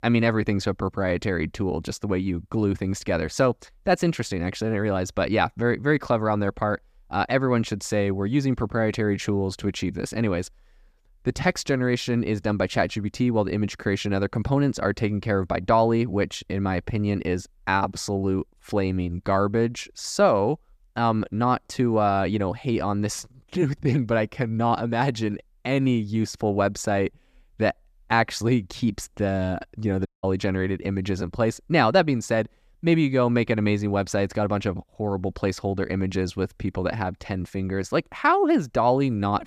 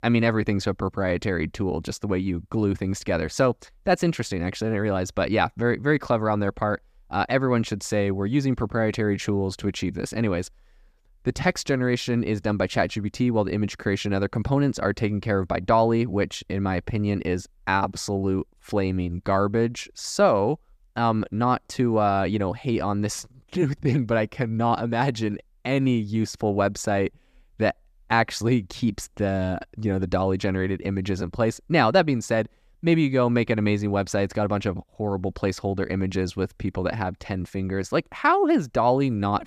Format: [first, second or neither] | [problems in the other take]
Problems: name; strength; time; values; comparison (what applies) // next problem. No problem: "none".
second | audio cutting out; at 30 s